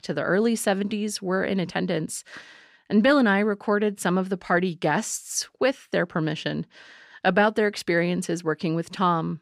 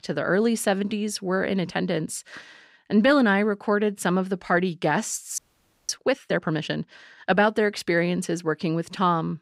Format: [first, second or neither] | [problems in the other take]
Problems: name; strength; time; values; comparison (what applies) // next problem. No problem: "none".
first | audio freezing; at 5.5 s for 0.5 s